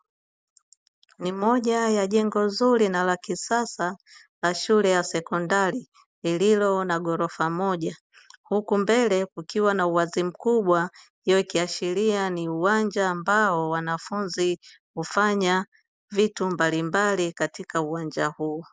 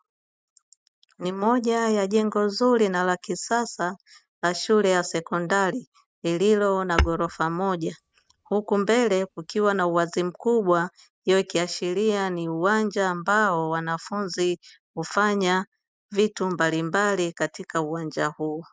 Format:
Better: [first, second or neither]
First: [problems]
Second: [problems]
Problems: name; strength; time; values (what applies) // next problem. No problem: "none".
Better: first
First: none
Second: noise reduction (neural mask model RNNoise)